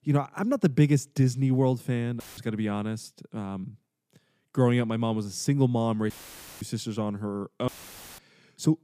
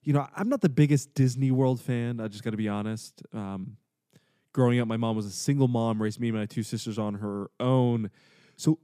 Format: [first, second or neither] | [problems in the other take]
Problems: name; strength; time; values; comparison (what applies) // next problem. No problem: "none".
second | audio cutting out; filled with static; at 2 s, at 6 s for 0.5 s and at 7.5 s for 0.5 s